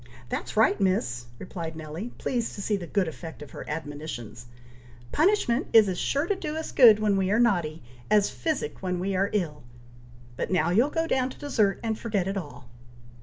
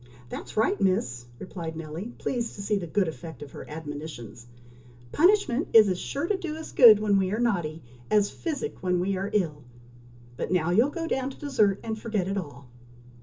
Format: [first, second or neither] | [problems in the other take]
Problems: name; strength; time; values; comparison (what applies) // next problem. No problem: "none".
first | room echo; dies away in 0.2 s